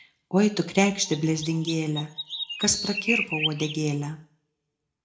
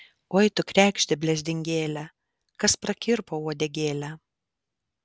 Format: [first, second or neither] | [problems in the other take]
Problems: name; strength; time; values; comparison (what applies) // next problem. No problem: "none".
second | background sound (Chirp, tweet); 5 dB below the speech // room echo; dies away in 0.3 s